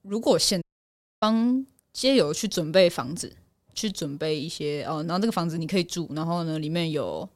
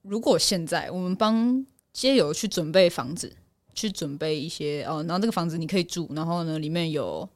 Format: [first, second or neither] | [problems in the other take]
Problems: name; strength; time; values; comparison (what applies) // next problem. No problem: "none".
second | audio cutting out; at 0.5 s for 0.5 s